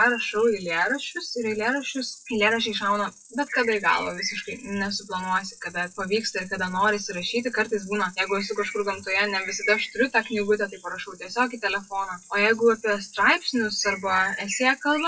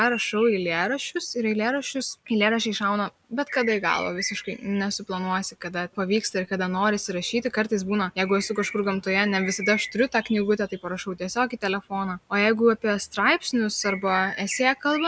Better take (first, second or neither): second